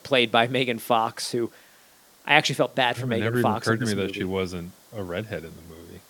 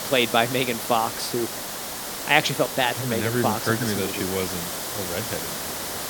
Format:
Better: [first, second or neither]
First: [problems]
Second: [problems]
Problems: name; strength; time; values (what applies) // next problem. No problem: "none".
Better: first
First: hiss; faint; throughout; 30 dB below the speech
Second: hiss; loud; throughout; 5 dB below the speech